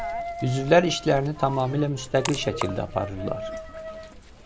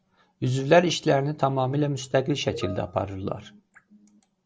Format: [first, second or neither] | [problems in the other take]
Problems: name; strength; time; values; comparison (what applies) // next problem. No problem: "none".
second | background sound (Coin (dropping)); 10 dB below the speech